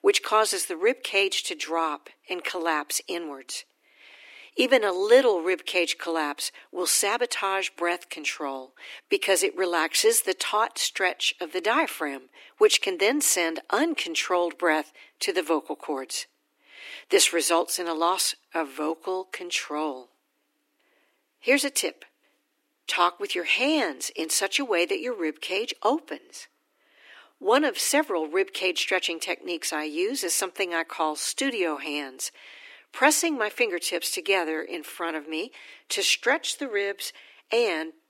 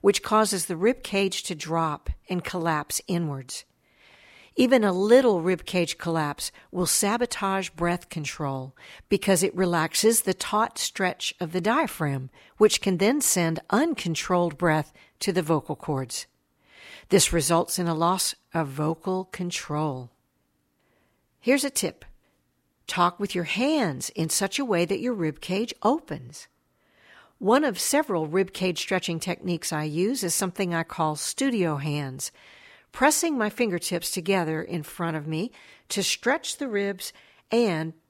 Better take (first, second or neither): second